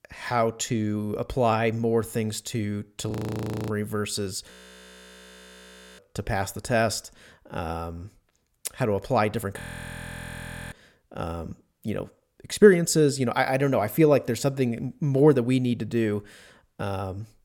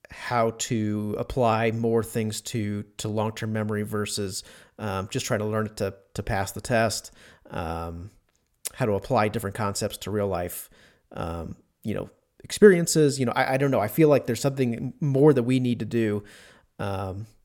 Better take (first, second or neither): second